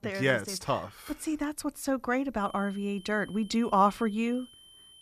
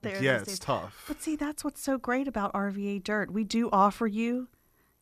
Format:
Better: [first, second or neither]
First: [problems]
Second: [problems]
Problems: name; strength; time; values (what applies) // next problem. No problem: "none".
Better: second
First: high-pitched whine; faint; from 2.5 s on; 3 kHz, 20 dB below the speech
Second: none